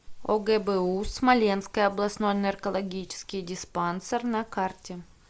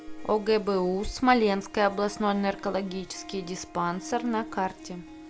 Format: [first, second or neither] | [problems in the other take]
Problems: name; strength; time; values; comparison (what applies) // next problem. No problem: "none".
first | background sound (Harp); 17 dB below the speech